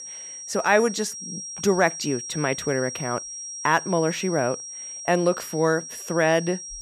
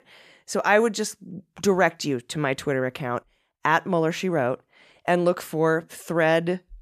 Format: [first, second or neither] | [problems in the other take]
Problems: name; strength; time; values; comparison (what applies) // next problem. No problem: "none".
second | high-pitched whine; loud; throughout; 5.5 kHz, 9 dB below the speech